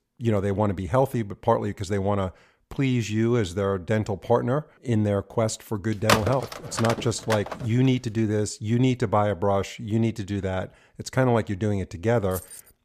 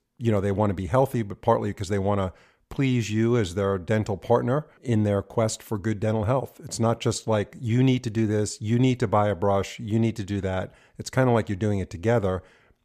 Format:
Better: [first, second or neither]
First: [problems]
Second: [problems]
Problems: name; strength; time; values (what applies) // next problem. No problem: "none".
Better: second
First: phone ringing; loud; from 6 to 7.5 s; peak 2 dB above the speech // jangling keys; faint; at 12 s; peak 15 dB below the speech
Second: none